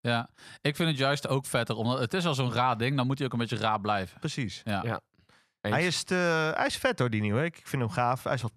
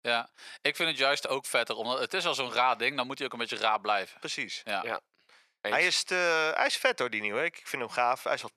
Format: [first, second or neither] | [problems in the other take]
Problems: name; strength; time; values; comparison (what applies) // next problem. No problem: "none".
first | thin; very; fading below 500 Hz